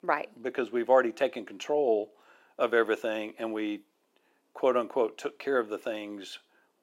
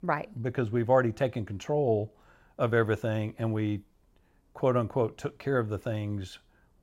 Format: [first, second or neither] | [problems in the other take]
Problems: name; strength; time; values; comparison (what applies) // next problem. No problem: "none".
second | thin; somewhat; fading below 300 Hz